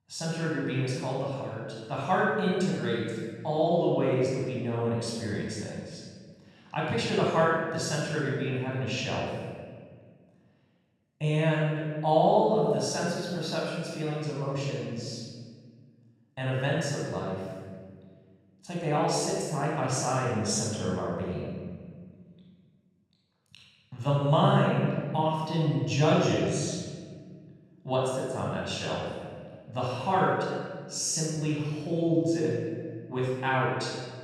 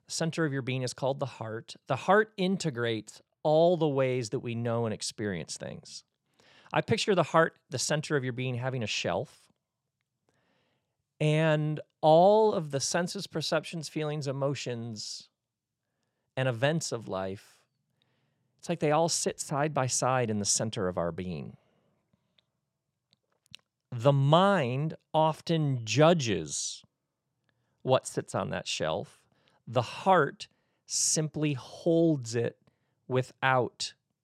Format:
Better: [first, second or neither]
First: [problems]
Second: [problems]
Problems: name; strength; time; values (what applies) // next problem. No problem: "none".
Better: second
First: off-mic speech; far // room echo; strong; dies away in 1.6 s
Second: none